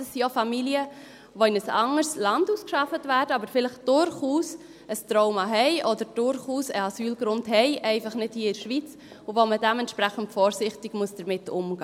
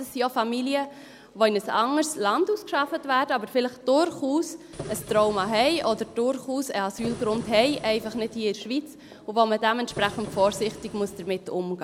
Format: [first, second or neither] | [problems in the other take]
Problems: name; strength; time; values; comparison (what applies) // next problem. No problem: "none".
first | background sound (Printer); 14 dB below the speech